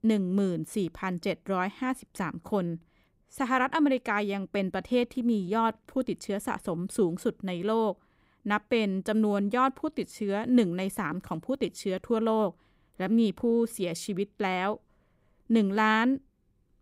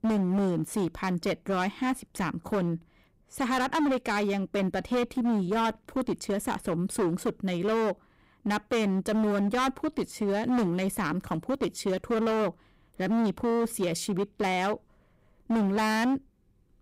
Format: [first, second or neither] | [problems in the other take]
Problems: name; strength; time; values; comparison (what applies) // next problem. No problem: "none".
first | distortion; heavy; 17% of the sound clipped